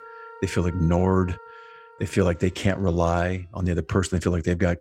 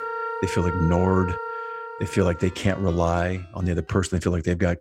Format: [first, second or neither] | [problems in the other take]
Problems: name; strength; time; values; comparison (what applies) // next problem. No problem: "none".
first | background music; loud; throughout; 8 dB below the speech; faint in the first